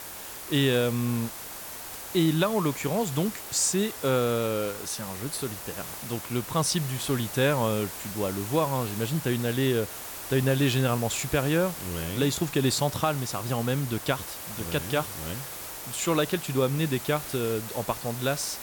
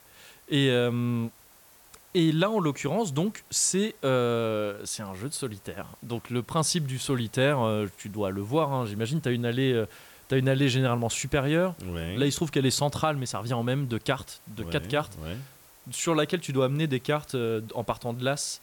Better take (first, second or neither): second